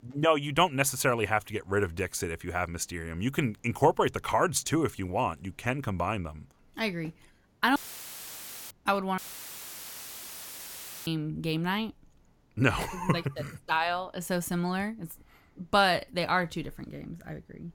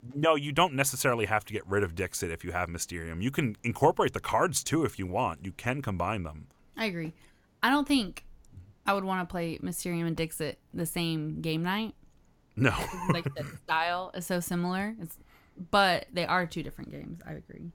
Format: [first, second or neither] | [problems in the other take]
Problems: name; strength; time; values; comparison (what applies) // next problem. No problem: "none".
second | audio cutting out; filled with static; at 8 s for 1 s and at 9 s for 2 s